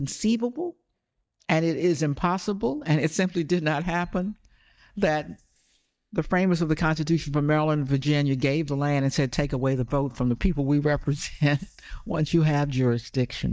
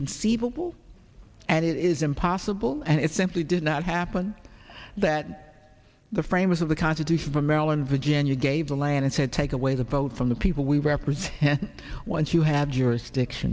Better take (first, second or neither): second